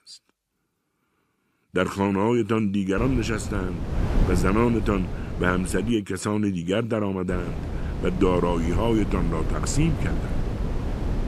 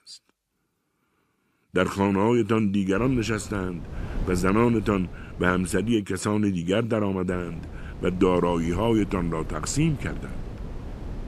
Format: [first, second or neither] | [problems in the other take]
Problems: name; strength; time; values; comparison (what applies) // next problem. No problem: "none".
second | wind noise on the microphone; heavy; from 3 to 6 s and from 7.5 s on; 10 dB below the speech; occasional gusts in the second